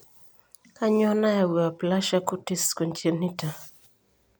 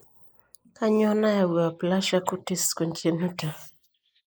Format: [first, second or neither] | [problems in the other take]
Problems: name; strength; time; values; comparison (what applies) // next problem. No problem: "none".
first | noise reduction (neural mask model Resemble Enhance denoiser)